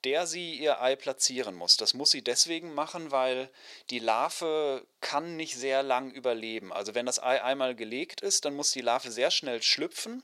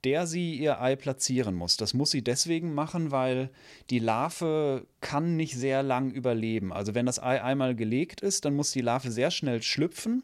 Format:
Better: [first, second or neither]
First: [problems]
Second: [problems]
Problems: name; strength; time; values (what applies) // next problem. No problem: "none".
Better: second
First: thin; somewhat; fading below 550 Hz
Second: none